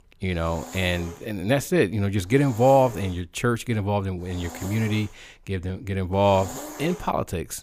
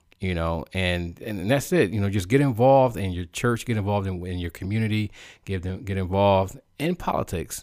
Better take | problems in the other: second | hiss; noticeable; throughout; 15 dB below the speech

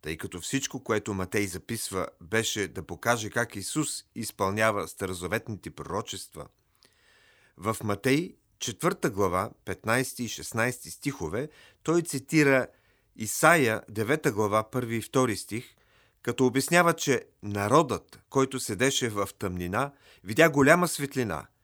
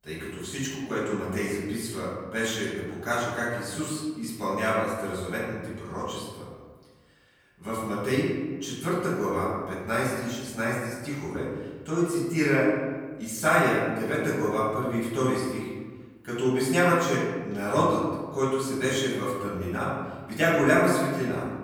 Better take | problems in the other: first | off-mic speech; far // room echo; noticeable; dies away in 1.3 s

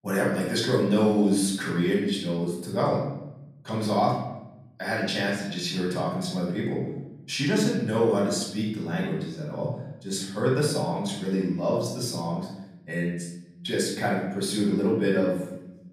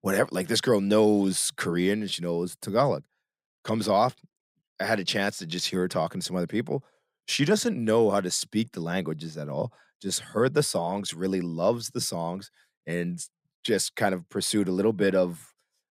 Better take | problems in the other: second | off-mic speech; far // room echo; noticeable; dies away in 0.9 s

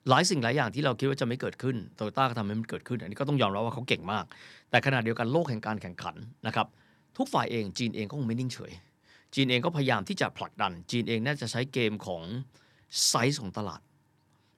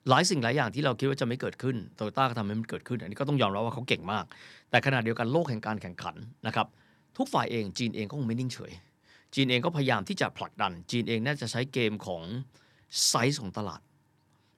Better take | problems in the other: neither | none

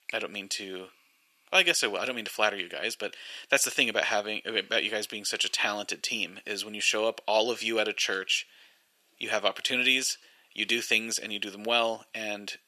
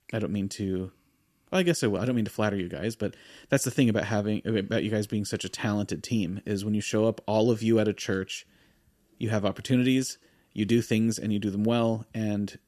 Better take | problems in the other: second | thin; very; fading below 700 Hz

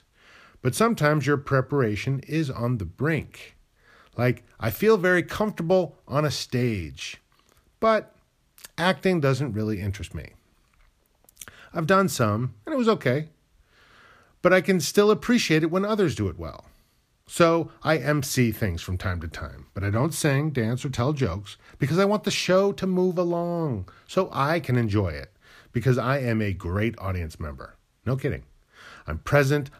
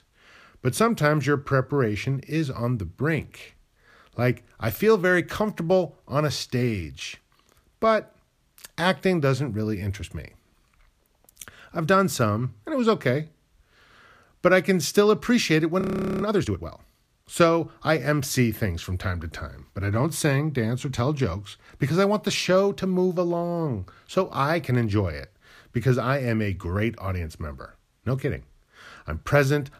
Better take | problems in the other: first | audio freezing; at 16 s

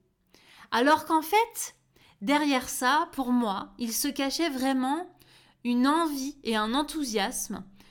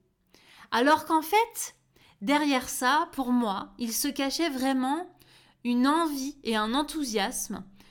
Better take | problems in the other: neither | none

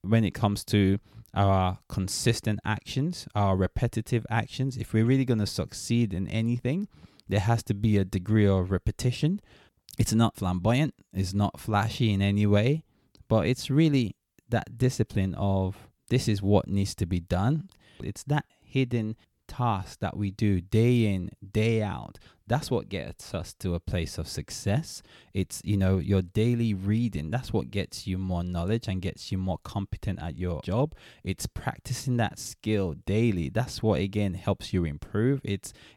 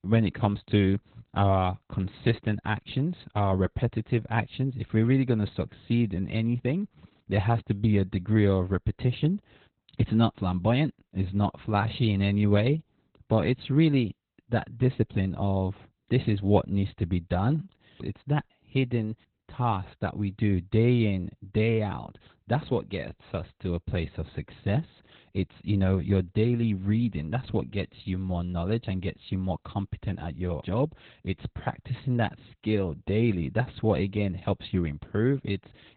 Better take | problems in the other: first | garbled, watery; badly; nothing above 4 kHz

